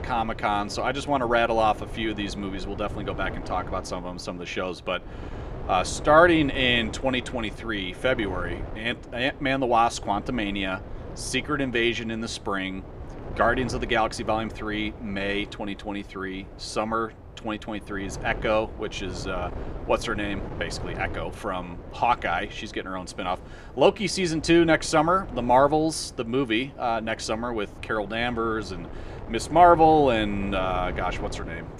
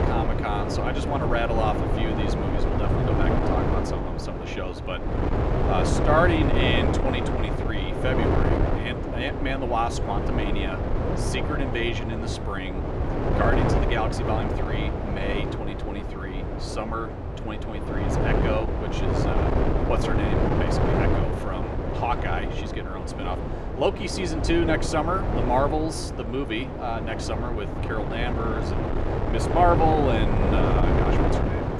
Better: first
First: wind noise on the microphone; occasional gusts; 20 dB below the speech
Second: wind noise on the microphone; heavy; 1 dB below the speech

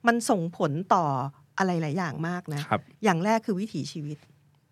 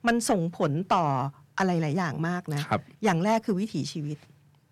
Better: first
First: none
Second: distortion; slight; 10 dB below the speech

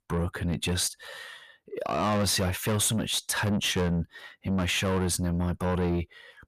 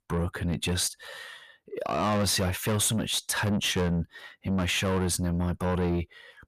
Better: neither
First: distortion; heavy; 8 dB below the speech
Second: distortion; heavy; 8 dB below the speech

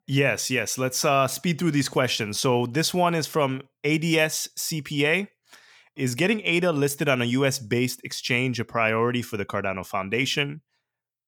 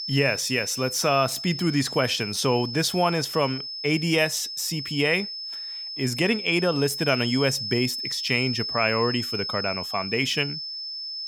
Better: first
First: none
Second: high-pitched whine; loud; throughout; 5 kHz, 6 dB below the speech

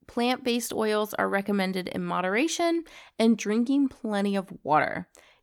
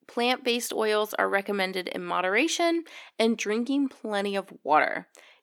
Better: first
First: none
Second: thin; very slightly; fading below 350 Hz

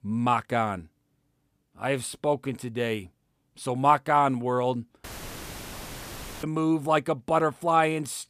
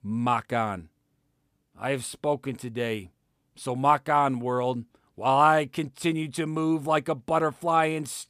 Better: second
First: audio cutting out; filled with static; at 5 s for 1.5 s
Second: none

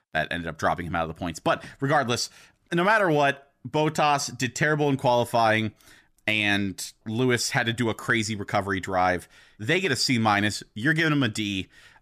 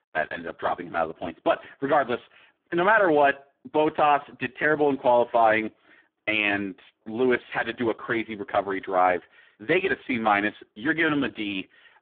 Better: first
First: none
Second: phone-call audio; poor line

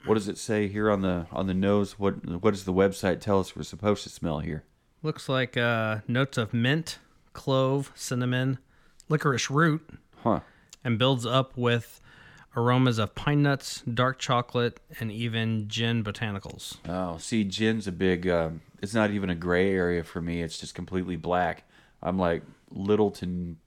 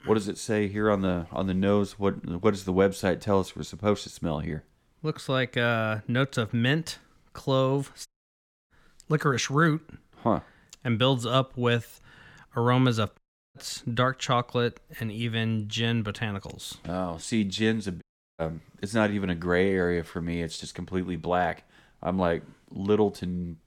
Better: first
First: none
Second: audio cutting out; at 8 s for 0.5 s, at 13 s and at 18 s

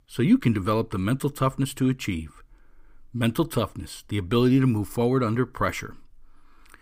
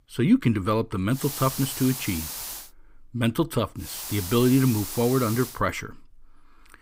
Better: first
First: none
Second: hiss; loud; from 1 to 2.5 s and from 4 to 5.5 s; 8 dB below the speech

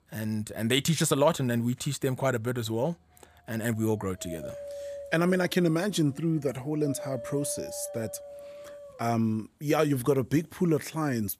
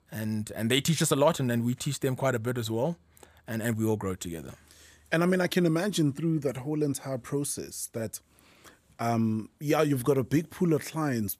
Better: second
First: dog barking; noticeable; from 3.5 to 9 s; peak 10 dB below the speech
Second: none

